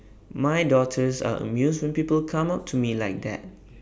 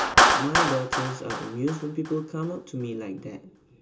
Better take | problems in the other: first | background sound (Clapping); 5 dB above the speech // room echo; dies away in 0.2 s

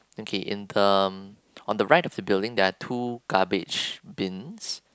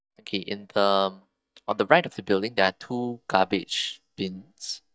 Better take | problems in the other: first | noise reduction (neural mask model DeepFilterNet 3)

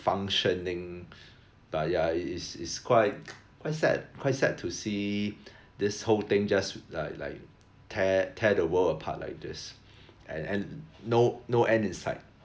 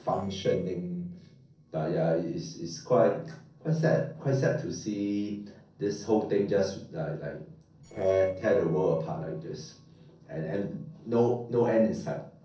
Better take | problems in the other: first | noise reduction (neural separator model SepFormer DNS4)

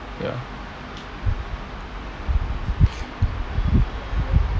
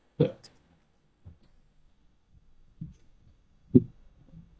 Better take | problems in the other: first | noise reduction (neural mask model DeepFilterNet 3)

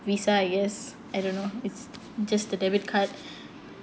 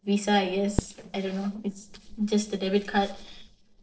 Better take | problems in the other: first | noise reduction (neural separator model SepFormer DNS4)

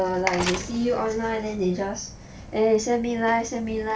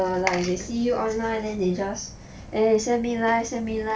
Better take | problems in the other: second | background sound (Mechanisms); 11 dB below the speech

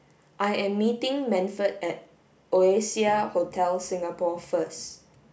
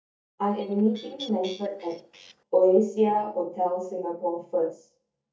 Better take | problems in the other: first | noise reduction (neural mask model DeepFilterNet 3)

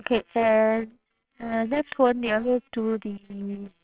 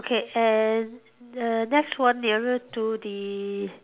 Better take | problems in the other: second | noise reduction (neural separator model SepFormer WHAMR!)

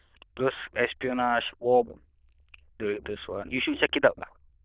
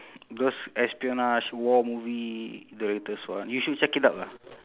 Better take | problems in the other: second | noise reduction (neural diffusion model UNIVERSE++)

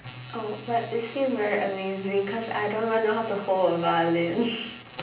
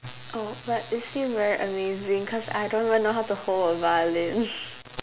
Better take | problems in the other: second | room echo; dies away in 0.6 s

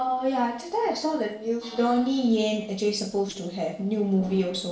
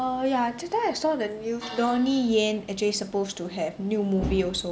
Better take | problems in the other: second | noise reduction (neural separator model SepFormer DNS4)

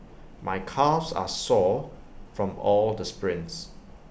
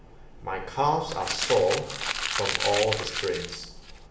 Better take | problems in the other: first | background sound (Crumpling, crinkling); 3 dB below the speech // room echo; dies away in 0.7 s

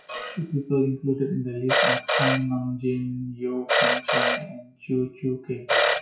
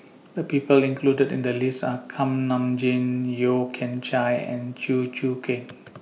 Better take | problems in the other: second | noise reduction (classical method WPE with log-MMSE)

